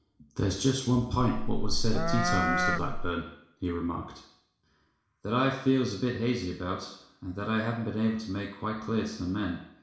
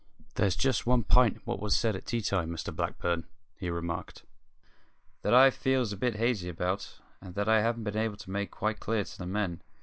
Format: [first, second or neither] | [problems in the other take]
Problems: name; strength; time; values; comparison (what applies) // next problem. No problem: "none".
second | background sound (Livestock, farm animals, working animals); 4 dB above the speech // room echo; dies away in 0.7 s